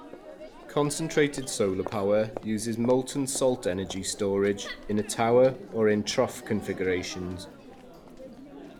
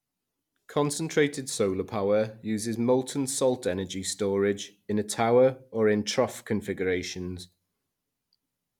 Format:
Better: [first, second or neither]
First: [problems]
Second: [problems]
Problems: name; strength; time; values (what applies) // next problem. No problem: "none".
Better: second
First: background sound (Crowd); 15 dB below the speech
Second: none